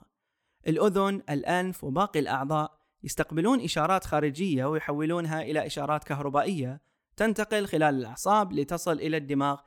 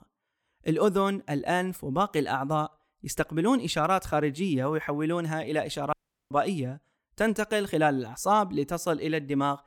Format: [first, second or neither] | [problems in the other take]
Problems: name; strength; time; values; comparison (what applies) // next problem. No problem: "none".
first | audio cutting out; at 6 s